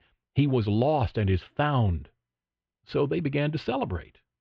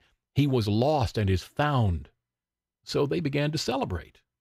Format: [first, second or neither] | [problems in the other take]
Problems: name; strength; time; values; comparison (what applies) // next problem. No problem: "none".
second | muffled; slightly; fading above 3 kHz